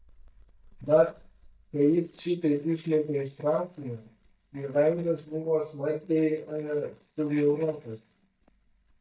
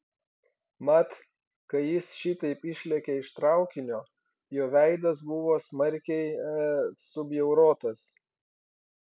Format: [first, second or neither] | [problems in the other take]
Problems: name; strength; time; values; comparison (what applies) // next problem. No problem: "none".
second | noise reduction (neural mask model DeepFilterNet 3)